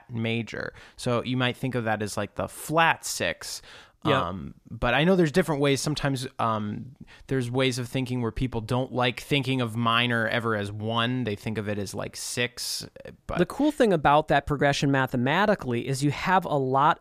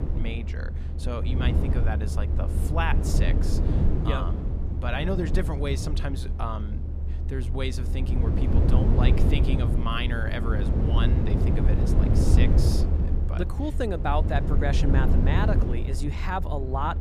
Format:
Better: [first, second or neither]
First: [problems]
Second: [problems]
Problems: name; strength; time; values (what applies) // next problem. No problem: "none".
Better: first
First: none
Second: low rumble; loud; throughout; 4 dB below the speech